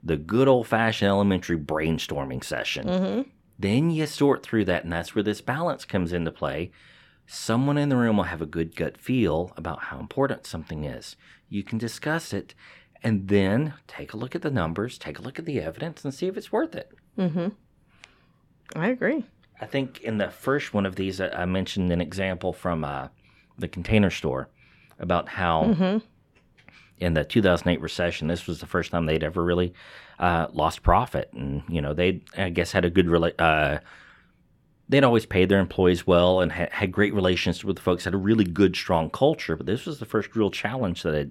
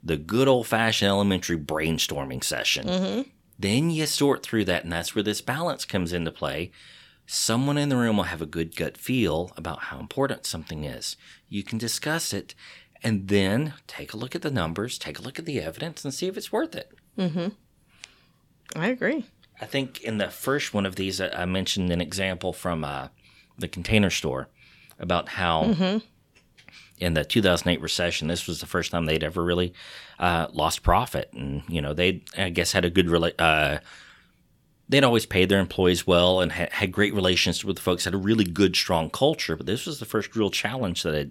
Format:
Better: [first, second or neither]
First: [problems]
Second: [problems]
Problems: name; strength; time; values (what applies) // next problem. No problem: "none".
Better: second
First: muffled; slightly; fading above 3 kHz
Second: none